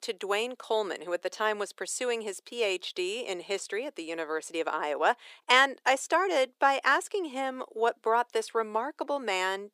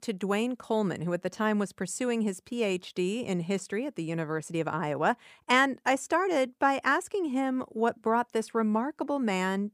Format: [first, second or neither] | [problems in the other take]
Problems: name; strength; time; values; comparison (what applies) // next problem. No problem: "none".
second | thin; very; fading below 350 Hz